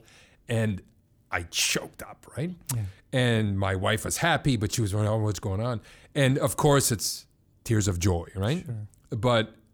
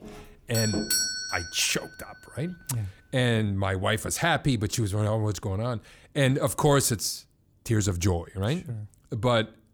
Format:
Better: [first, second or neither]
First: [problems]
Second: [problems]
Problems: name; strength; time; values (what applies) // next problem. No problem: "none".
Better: first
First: none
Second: doorbell; loud; until 1.5 s; peak 3 dB above the speech